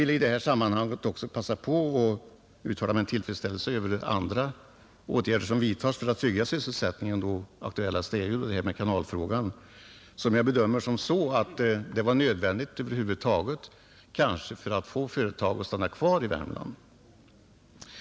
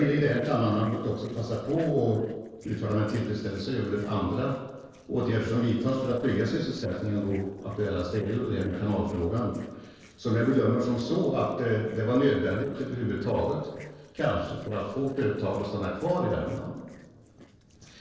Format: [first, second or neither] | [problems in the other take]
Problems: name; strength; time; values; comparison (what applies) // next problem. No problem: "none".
first | noise reduction (neural separator model SepFormer DNS4)